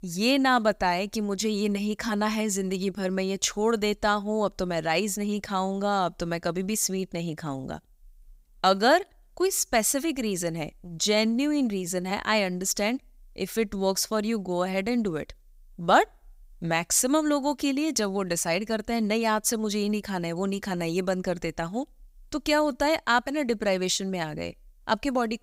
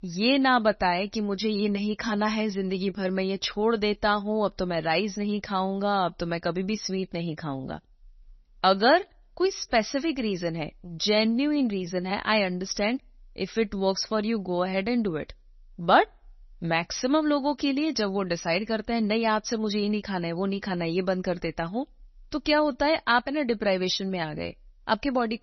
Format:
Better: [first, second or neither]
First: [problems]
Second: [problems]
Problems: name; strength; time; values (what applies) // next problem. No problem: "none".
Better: first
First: none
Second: garbled, watery; slightly; nothing above 6 kHz